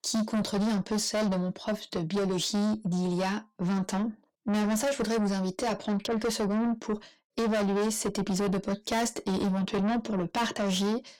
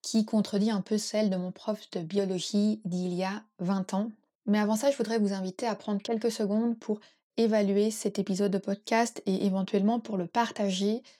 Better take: second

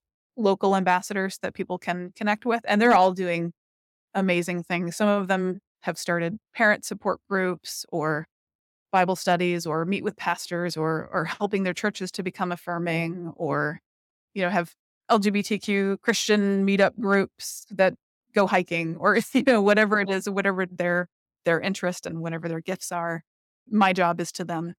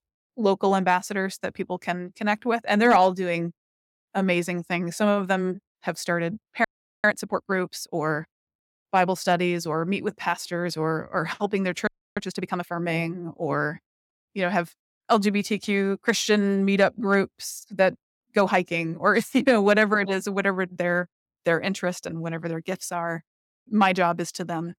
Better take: first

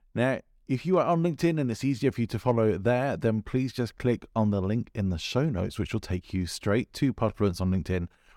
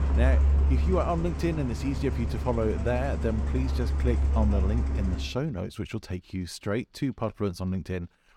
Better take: first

